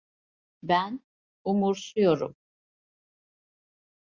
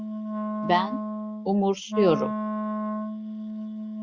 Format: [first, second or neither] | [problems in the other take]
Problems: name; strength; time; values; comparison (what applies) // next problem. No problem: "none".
first | background sound (Wind instrument, woodwind instrument); 2 dB below the speech